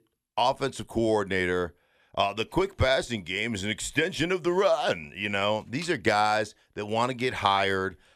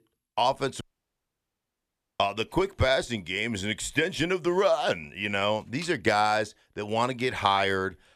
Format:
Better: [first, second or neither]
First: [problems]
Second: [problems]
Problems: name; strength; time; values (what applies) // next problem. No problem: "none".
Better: first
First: none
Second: audio cutting out; at 1 s for 1.5 s